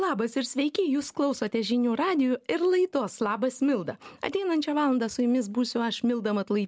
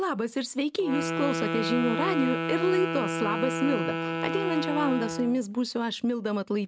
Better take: first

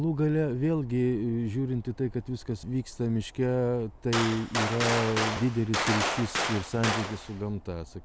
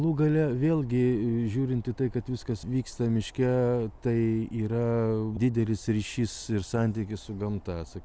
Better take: second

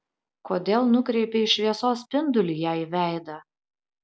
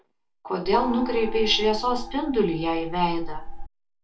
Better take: first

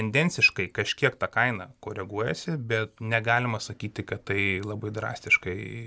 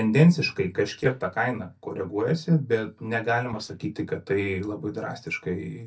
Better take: first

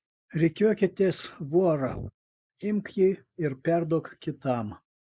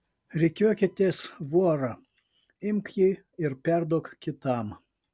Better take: second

